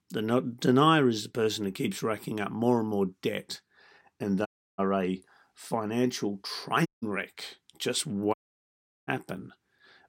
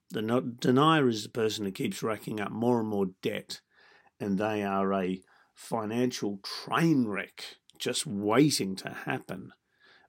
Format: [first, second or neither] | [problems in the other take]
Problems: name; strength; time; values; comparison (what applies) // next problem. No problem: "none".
second | audio cutting out; at 4.5 s, at 7 s and at 8.5 s for 0.5 s